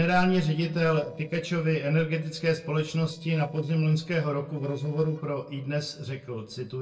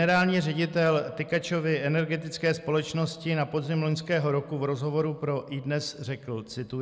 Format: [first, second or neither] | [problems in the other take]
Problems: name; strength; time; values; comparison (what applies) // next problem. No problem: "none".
second | noise reduction (neural separator model SepFormer DNS4)